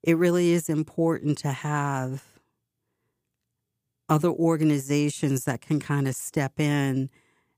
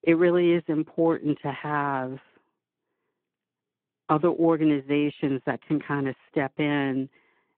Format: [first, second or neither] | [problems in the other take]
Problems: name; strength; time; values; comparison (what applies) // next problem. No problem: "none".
first | phone-call audio